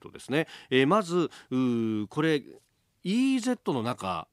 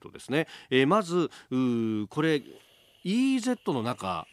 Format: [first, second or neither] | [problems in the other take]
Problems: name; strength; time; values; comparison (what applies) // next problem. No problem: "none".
first | hiss; faint; from 2 s on; 30 dB below the speech